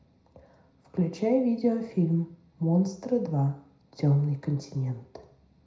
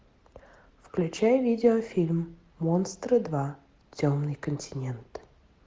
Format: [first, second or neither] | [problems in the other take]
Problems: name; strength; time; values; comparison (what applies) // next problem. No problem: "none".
second | room echo; dies away in 0.5 s